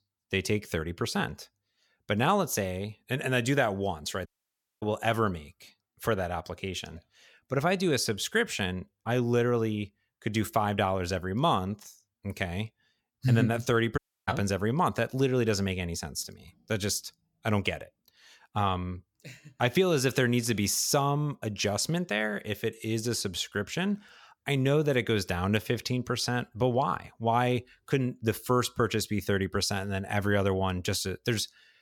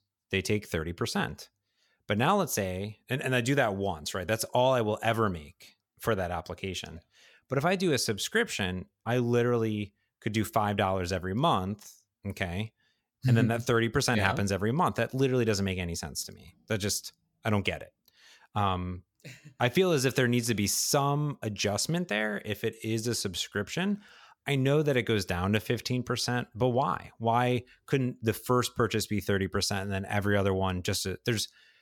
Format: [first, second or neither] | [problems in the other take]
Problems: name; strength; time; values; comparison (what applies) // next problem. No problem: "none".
second | audio cutting out; at 4.5 s for 0.5 s and at 14 s